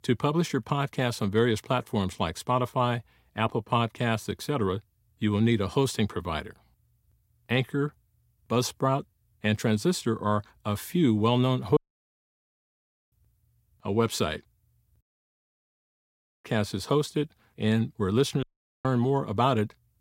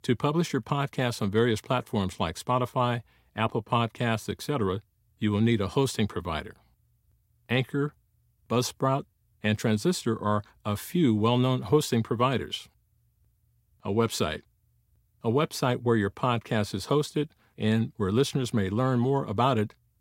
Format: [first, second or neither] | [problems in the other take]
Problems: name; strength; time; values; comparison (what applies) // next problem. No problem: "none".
second | audio cutting out; at 12 s for 1.5 s, at 15 s for 1.5 s and at 18 s